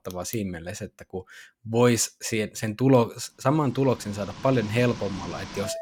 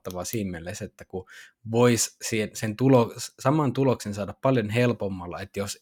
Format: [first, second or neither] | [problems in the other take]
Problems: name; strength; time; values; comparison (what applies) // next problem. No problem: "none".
second | household noises; noticeable; from 4 s on; 15 dB below the speech